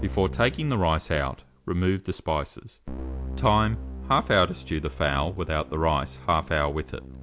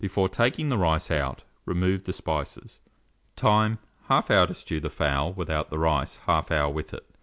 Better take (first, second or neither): second